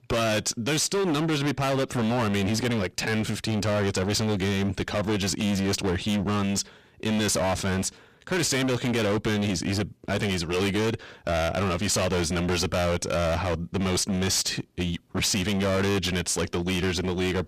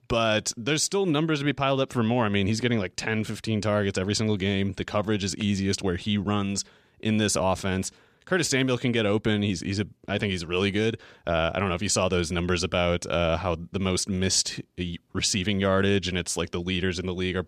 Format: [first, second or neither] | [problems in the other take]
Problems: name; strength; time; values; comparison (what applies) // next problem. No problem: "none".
second | distortion; heavy; 30% of the sound clipped